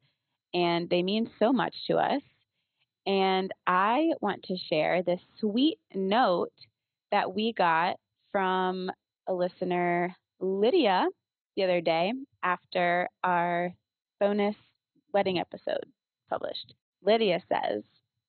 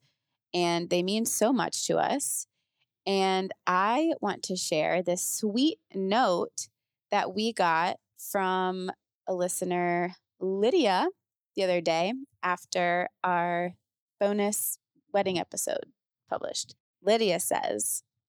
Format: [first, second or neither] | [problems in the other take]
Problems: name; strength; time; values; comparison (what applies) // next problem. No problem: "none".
second | garbled, watery; badly; nothing above 4 kHz